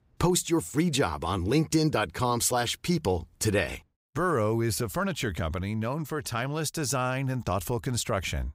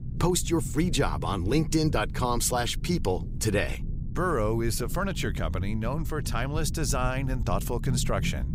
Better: first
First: none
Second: low rumble; noticeable; throughout; 15 dB below the speech

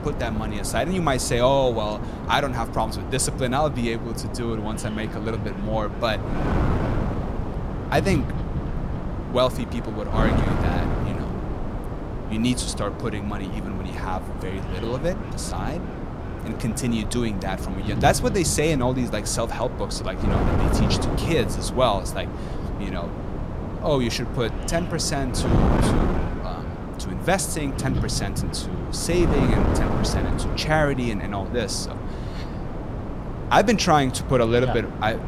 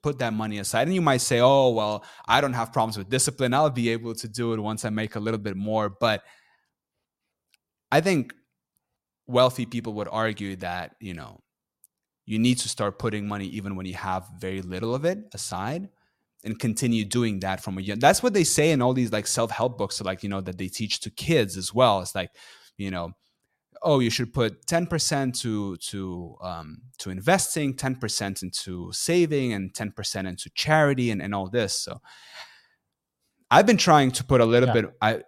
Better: second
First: wind noise on the microphone; heavy; 7 dB below the speech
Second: none

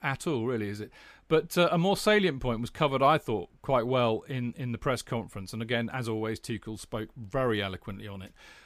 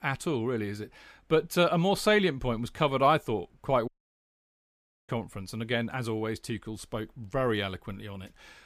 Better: first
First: none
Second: audio cutting out; at 4 s for 1 s

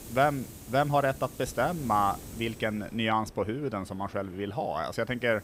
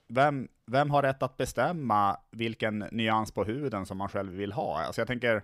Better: second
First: hiss; noticeable; throughout; 15 dB below the speech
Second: none

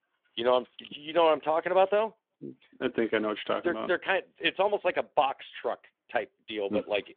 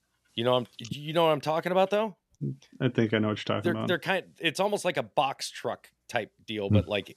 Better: second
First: phone-call audio; nothing above 3.5 kHz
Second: none

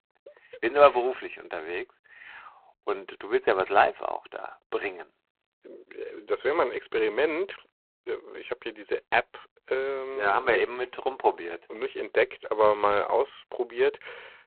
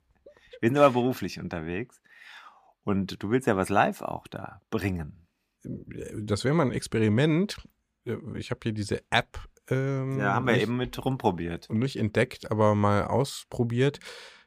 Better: second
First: phone-call audio; poor line; nothing above 4 kHz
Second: none

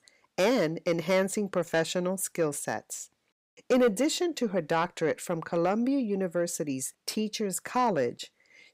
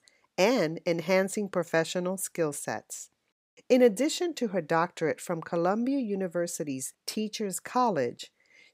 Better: second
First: distortion; slight; 10 dB below the speech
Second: none

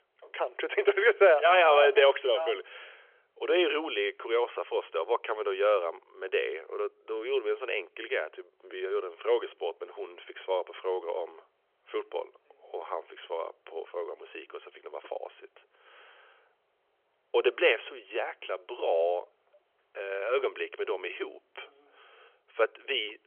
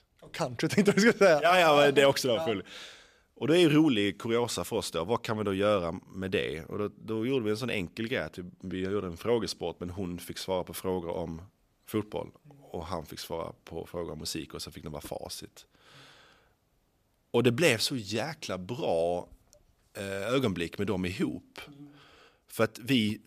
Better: second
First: phone-call audio; nothing above 3.5 kHz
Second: none

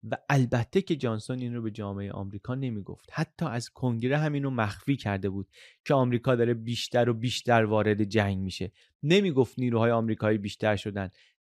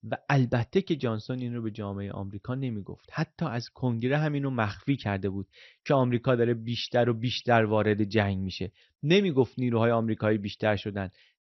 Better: first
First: none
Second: garbled, watery; slightly; nothing above 6 kHz

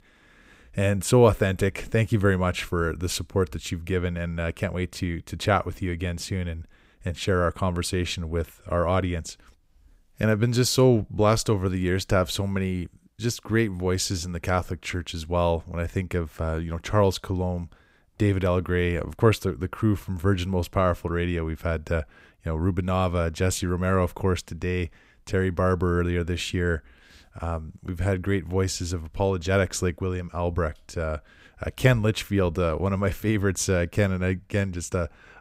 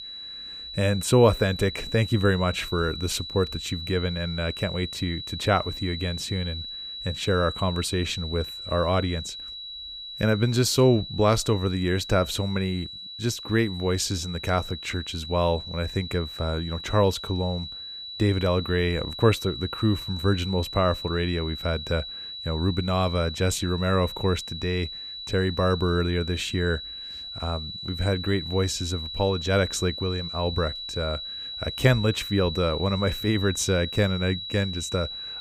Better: first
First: none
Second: high-pitched whine; loud; throughout; 4 kHz, 8 dB below the speech

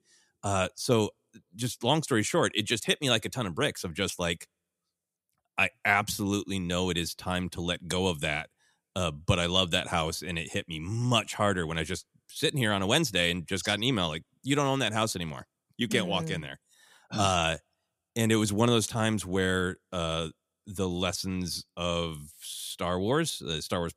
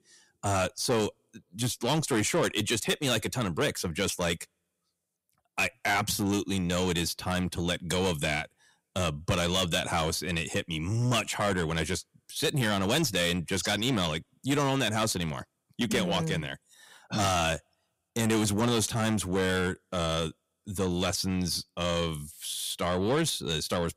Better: first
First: none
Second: distortion; heavy; 7 dB below the speech

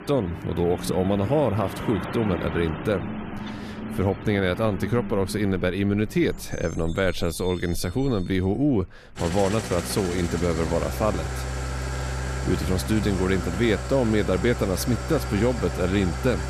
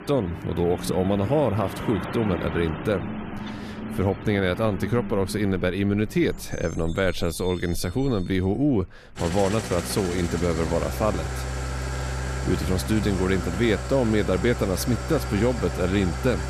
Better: neither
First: traffic noise; loud; throughout; 8 dB below the speech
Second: traffic noise; loud; throughout; 8 dB below the speech

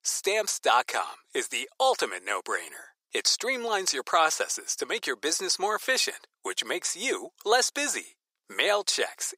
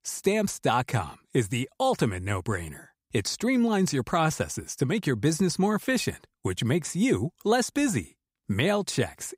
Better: second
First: thin; very; fading below 450 Hz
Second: none

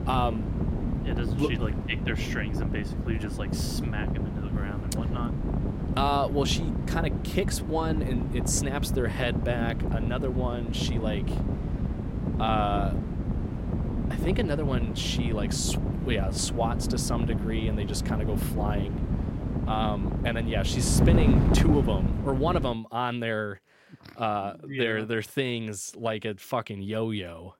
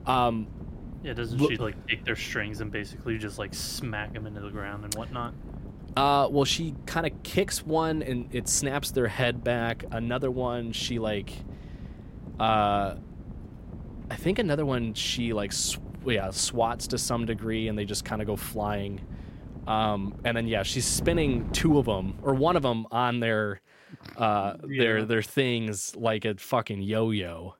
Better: second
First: wind noise on the microphone; heavy; until 23 s; 6 dB below the speech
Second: wind noise on the microphone; occasional gusts; until 23 s; 20 dB below the speech

